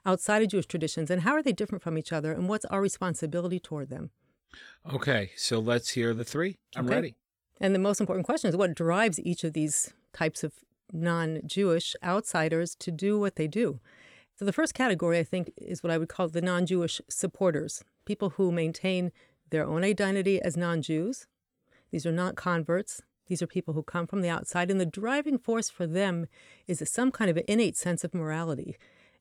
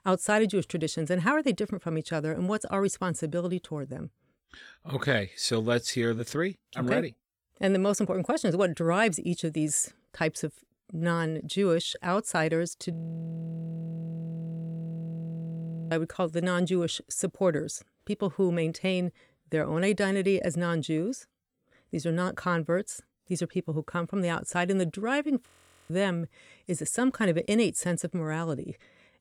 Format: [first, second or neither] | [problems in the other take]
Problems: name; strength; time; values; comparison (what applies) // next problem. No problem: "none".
first | audio freezing; at 13 s for 3 s and at 25 s